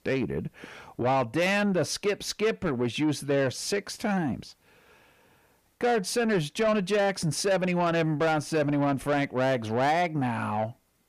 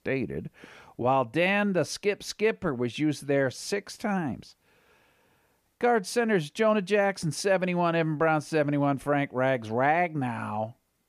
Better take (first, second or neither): second